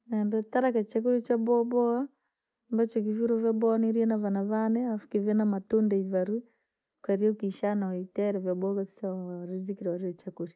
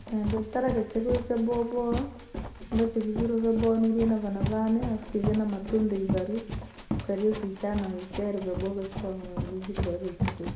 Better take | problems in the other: first | background sound (Run); 7 dB below the speech // room echo; dies away in 0.8 s

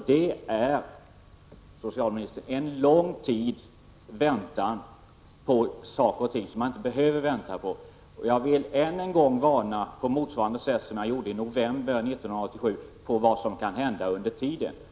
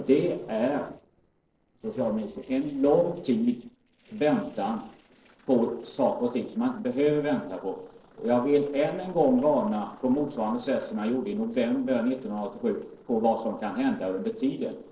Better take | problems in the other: first | noise reduction (neural separator model SepFormer DNS4)

